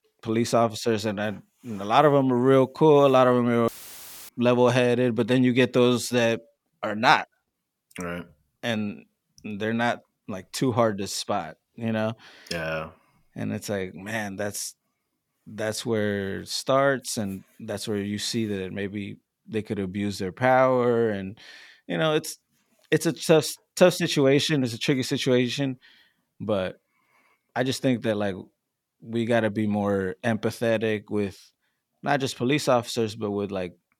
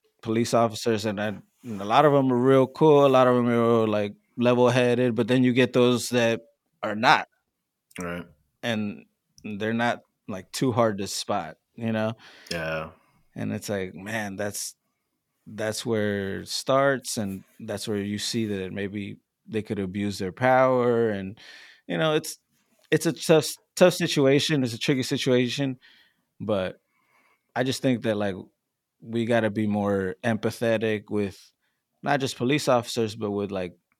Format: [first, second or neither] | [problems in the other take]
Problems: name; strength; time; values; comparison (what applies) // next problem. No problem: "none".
second | audio cutting out; filled with static; at 3.5 s for 0.5 s